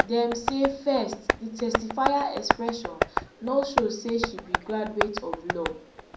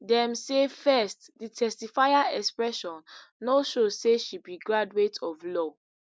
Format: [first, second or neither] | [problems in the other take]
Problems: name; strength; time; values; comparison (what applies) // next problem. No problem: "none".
second | background sound (Tap); 2 dB below the speech // room echo; dies away in 0.5 s